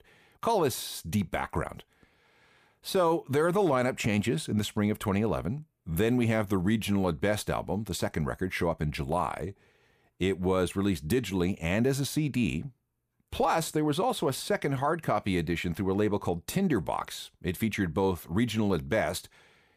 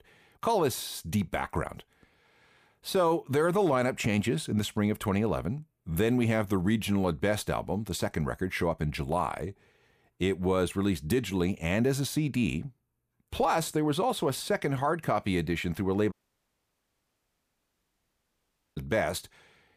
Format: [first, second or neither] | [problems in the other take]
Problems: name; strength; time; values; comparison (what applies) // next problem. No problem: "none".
first | audio cutting out; at 16 s for 2.5 s